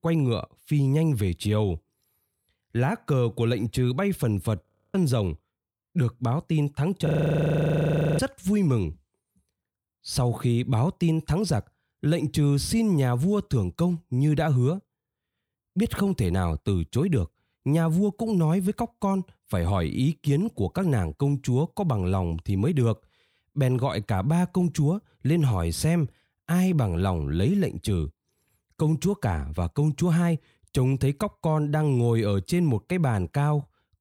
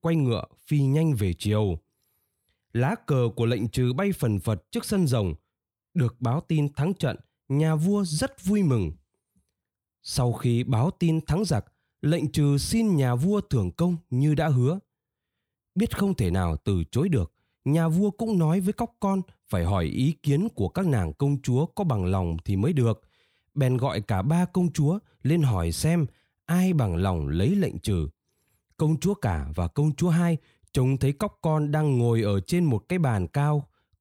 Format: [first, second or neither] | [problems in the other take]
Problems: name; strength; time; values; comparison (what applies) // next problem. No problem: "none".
second | audio freezing; at 4.5 s and at 7 s for 1 s